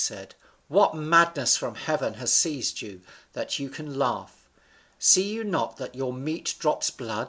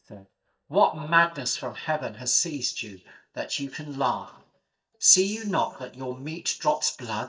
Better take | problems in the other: first | noise reduction (neural mask model DeepFilterNet 3)

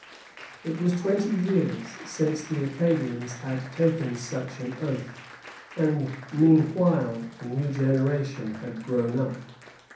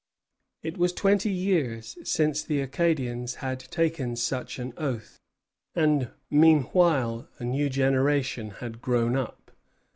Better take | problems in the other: second | background sound (Applause); 19 dB below the speech // room echo; dies away in 0.6 s

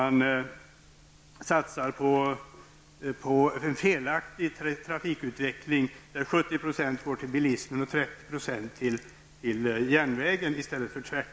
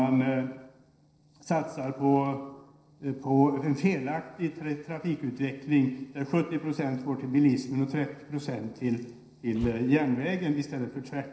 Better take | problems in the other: first | noise reduction (neural separator model SepFormer DNS4)

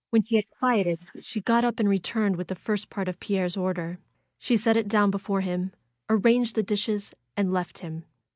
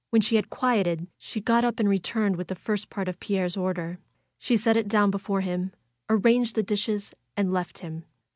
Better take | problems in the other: second | noise reduction (neural mask model Resemble Enhance denoiser)

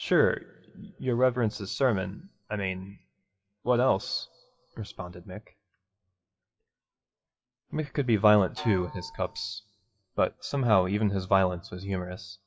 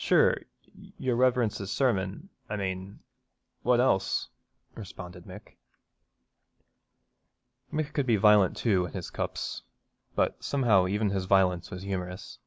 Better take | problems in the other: second | noise reduction (classical method WPE with log-MMSE)

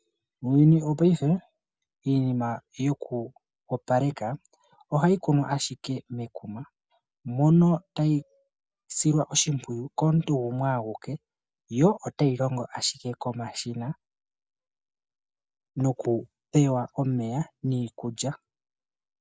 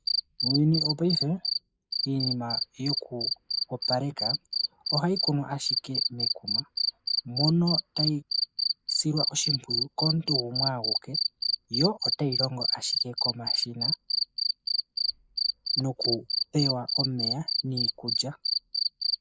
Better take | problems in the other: first | noise reduction (neural mask model Resemble Enhance denoiser)

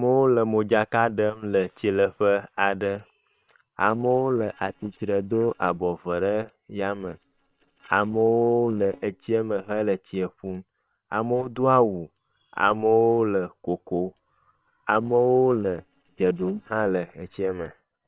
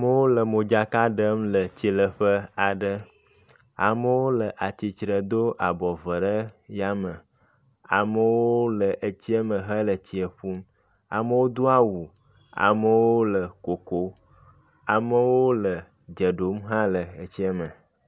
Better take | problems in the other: second | noise reduction (neural separator model SepFormer WHAM!)

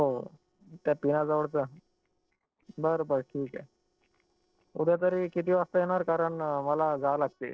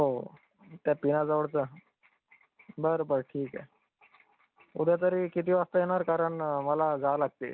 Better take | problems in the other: second | noise reduction (neural separator model SepFormer DNS4)

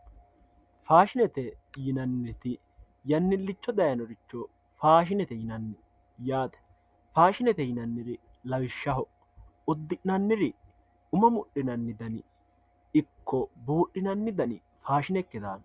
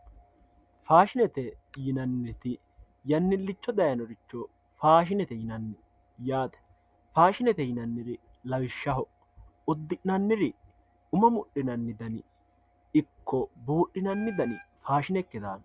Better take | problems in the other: first | background sound (Wind instrument, woodwind instrument); 20 dB below the speech

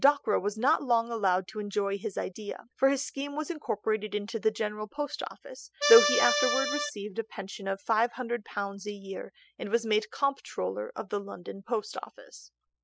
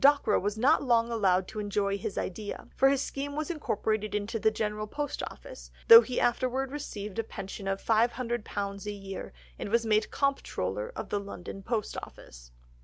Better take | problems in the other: second | noise reduction (classical method spectral subtraction)

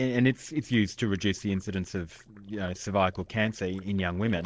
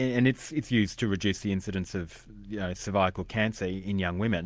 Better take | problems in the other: second | noise reduction (neural separator model SepFormer DNS4)

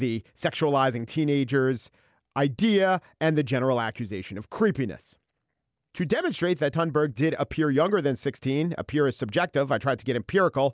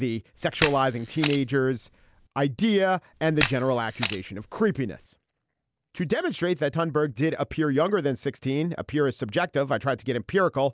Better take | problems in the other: first | background sound (Camera); 8 dB below the speech

